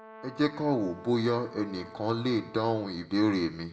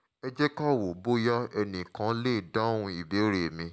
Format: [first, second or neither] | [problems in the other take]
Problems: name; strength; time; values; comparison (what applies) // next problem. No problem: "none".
second | background sound (Brass instrument); 19 dB below the speech // room echo; dies away in 1.3 s